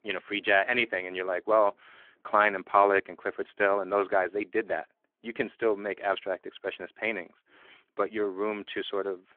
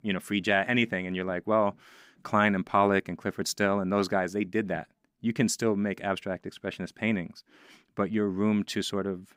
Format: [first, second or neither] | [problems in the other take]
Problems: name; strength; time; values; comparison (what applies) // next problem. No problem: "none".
second | phone-call audio